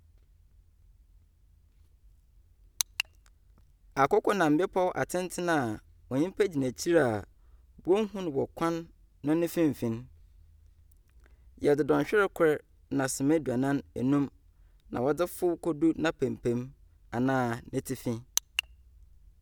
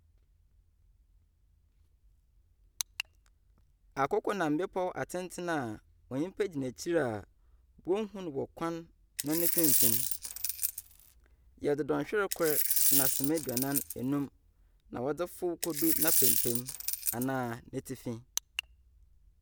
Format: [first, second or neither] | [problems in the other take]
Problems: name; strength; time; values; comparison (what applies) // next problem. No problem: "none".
first | background sound (Coin (dropping)); 5 dB above the speech